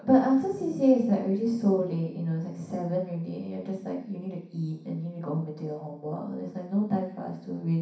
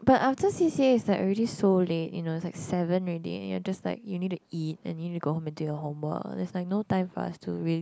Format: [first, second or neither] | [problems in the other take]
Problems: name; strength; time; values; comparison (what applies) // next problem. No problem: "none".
second | room echo; dies away in 0.6 s